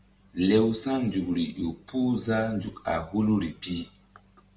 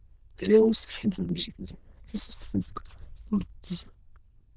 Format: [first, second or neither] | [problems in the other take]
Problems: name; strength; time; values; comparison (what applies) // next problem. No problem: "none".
first | noise reduction (neural diffusion model UNIVERSE++)